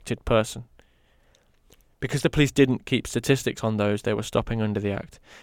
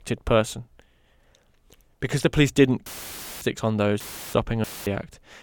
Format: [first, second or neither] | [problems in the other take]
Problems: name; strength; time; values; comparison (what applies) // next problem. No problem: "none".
first | audio cutting out; filled with static; at 3 s for 0.5 s, at 4 s and at 4.5 s